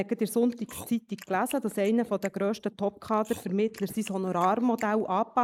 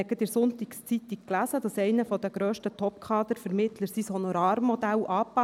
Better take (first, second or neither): second